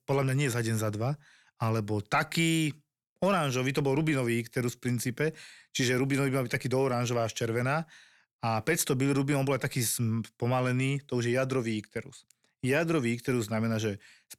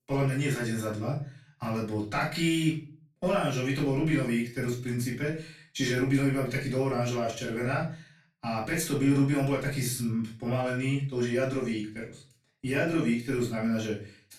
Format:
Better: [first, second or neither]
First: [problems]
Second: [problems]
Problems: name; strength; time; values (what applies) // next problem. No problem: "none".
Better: first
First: none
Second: off-mic speech; far // room echo; slight; dies away in 0.3 s